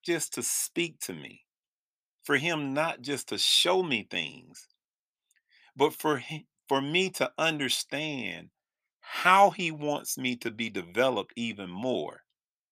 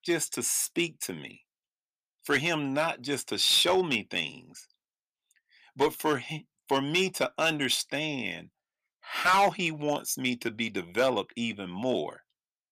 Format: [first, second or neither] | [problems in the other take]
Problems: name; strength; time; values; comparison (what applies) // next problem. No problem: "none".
first | distortion; slight; 1.7% of the sound clipped